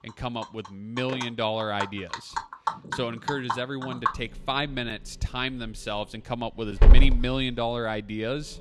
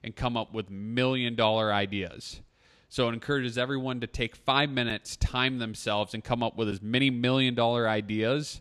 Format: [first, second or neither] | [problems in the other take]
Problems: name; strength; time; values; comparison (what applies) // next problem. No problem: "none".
second | animal sounds; very loud; throughout; 3 dB above the speech